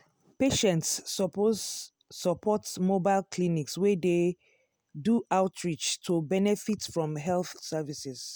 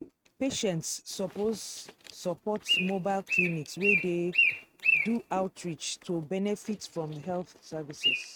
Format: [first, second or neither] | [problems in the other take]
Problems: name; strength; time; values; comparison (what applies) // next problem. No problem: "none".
first | noise reduction (neural mask model RNNoise)